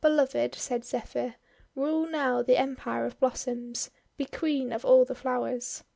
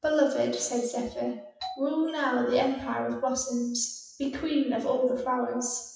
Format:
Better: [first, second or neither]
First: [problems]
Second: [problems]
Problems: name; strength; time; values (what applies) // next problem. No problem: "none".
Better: first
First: none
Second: noise reduction (classical method WPE with log-MMSE)